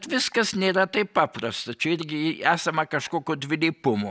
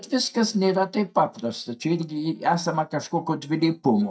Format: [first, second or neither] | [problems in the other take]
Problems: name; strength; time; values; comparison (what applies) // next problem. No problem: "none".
first | noise reduction (neural mask model DeepFilterNet 3)